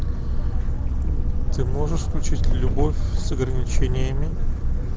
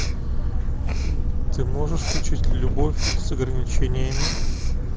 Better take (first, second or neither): first